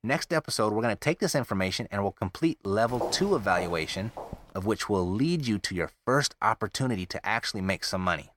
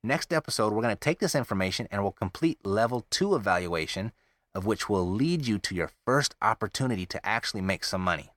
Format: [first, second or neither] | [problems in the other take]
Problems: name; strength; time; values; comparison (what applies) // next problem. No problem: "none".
second | footsteps; noticeable; from 3 to 4.5 s; peak 6 dB below the speech